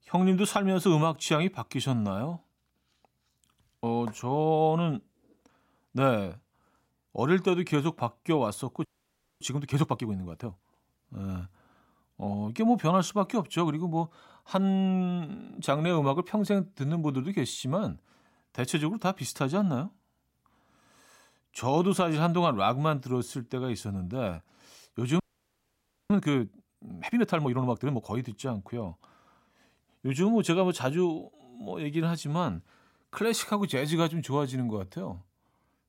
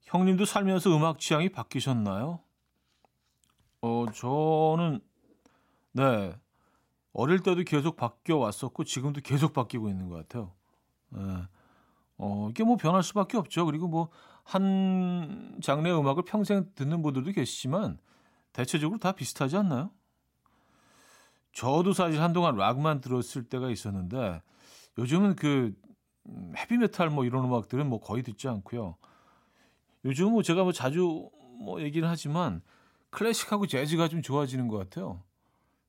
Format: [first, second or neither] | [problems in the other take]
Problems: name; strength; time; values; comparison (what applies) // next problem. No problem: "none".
second | audio freezing; at 9 s for 0.5 s and at 25 s for 1 s